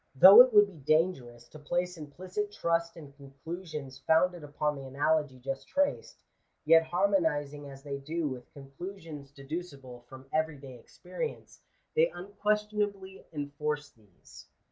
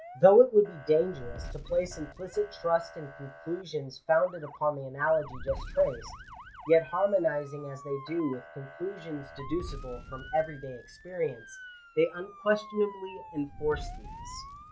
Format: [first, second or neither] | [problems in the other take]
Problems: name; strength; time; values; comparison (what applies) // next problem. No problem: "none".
first | background sound (Motor vehicle (road) / Siren + Fire); 15 dB below the speech